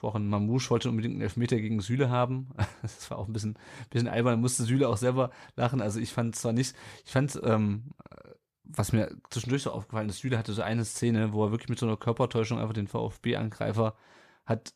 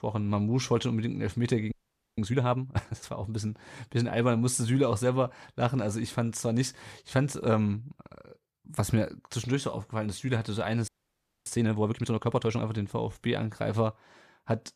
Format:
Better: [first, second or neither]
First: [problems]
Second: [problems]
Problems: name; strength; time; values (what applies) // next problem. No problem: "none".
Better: first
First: none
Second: audio freezing; at 1.5 s and at 11 s for 0.5 s